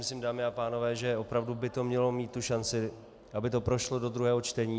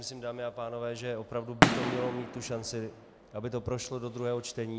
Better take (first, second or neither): first